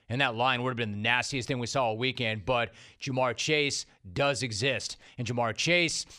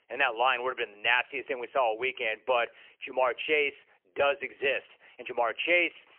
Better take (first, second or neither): first